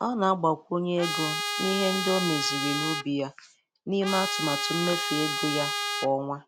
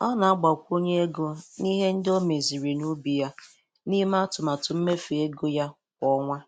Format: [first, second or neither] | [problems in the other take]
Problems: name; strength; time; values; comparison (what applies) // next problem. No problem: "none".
second | background sound (Trumpet); 2 dB below the speech